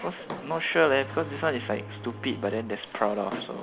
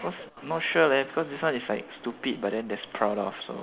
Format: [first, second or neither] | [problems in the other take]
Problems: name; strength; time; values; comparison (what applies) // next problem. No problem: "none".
second | background sound (Drawer open or close + Bowed string instrument); 12 dB below the speech